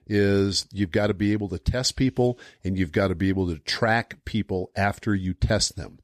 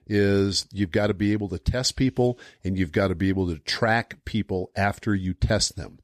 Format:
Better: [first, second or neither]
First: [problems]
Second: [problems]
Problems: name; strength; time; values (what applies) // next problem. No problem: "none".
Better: neither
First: none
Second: none